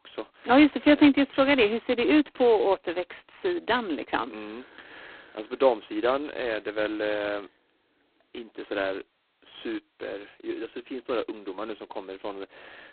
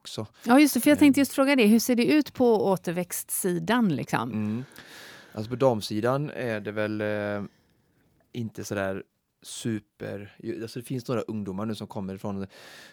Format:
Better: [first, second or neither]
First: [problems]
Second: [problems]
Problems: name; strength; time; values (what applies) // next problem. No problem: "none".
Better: second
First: phone-call audio; poor line; nothing above 4 kHz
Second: none